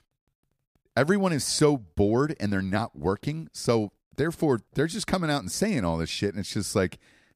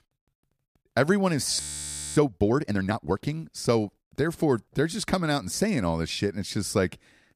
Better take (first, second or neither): first